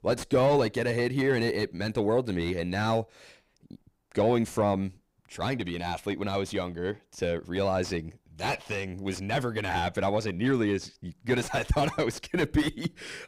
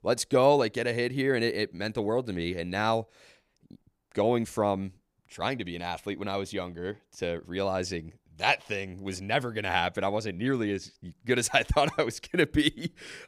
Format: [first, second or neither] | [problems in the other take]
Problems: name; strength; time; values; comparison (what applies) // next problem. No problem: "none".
second | distortion; heavy; 7 dB below the speech